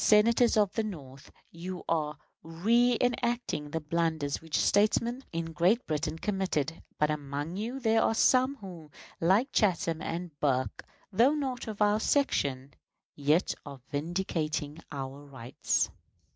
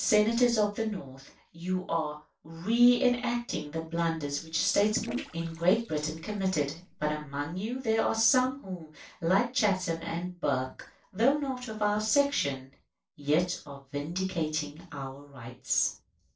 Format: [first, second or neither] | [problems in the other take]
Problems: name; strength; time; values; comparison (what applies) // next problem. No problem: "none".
first | noise reduction (neural separator model SepFormer DNS4)